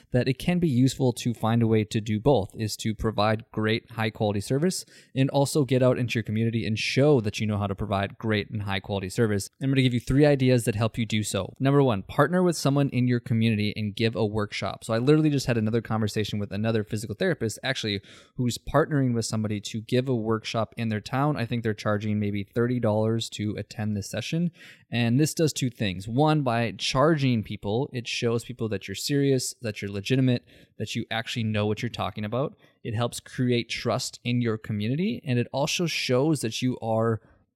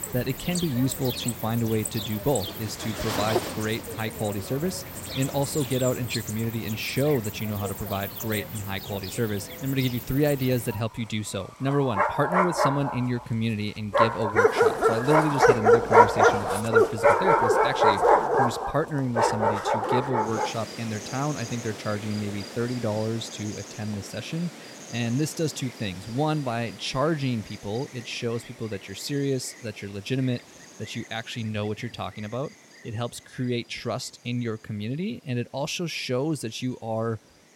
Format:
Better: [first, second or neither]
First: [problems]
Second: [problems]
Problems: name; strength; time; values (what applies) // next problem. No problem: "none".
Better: first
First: none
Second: animal sounds; very loud; throughout; 3 dB above the speech